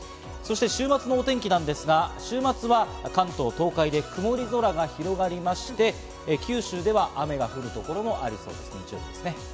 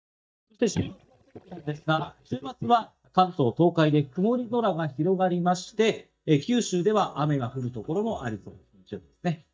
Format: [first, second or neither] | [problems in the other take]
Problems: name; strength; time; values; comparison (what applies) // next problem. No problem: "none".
first | noise reduction (neural mask model DeepFilterNet 3)